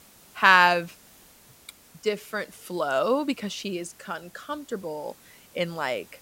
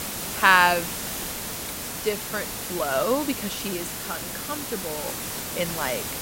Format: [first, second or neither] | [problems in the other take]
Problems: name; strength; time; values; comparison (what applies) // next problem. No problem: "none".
first | hiss; loud; throughout; 6 dB below the speech; faint in the first